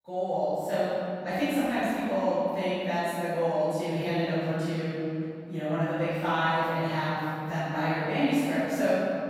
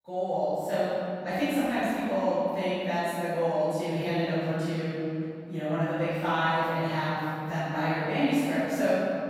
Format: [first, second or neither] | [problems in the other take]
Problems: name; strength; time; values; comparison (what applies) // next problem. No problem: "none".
neither | room echo; strong; dies away in 2.7 s; the same in both // off-mic speech; far; the same in both